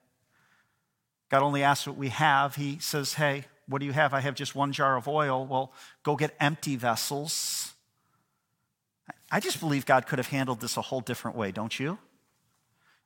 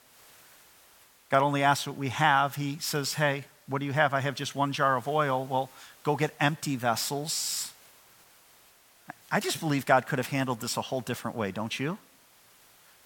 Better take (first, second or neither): first